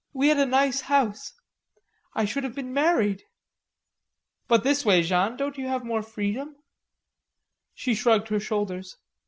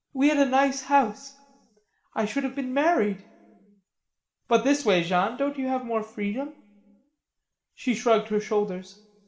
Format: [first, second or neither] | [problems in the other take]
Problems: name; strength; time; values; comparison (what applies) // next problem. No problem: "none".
first | room echo; dies away in 1.8 s